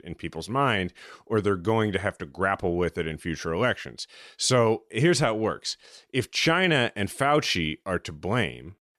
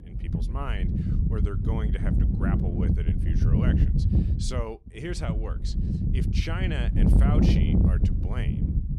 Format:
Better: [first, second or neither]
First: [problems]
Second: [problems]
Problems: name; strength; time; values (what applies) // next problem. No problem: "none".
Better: first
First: none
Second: wind noise on the microphone; heavy; 1 dB above the speech